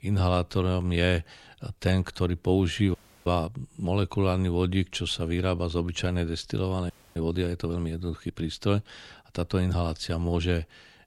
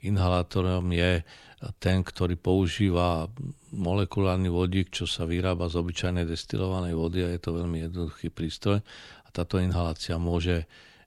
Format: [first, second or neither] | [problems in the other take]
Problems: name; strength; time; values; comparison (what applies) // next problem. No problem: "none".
second | audio freezing; at 3 s and at 7 s